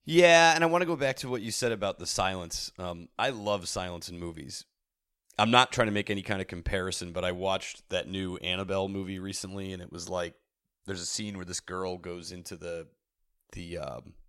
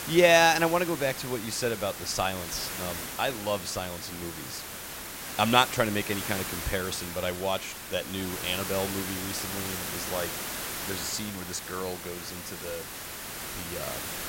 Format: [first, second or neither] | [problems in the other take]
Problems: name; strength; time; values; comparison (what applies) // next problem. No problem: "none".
first | hiss; loud; throughout; 6 dB below the speech